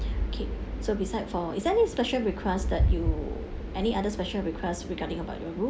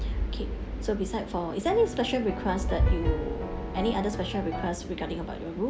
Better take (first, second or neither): first